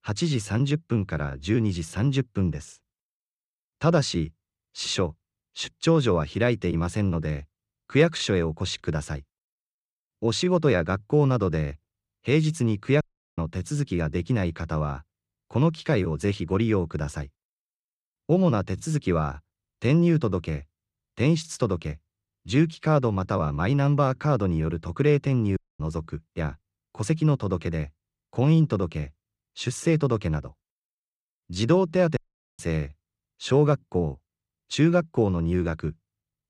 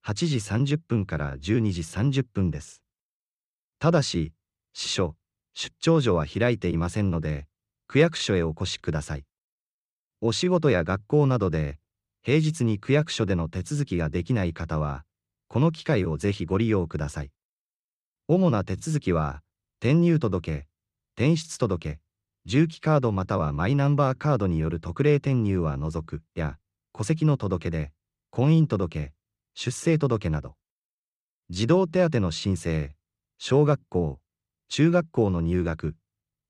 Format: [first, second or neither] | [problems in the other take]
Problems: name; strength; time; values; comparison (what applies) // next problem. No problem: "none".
second | audio cutting out; at 13 s, at 26 s and at 32 s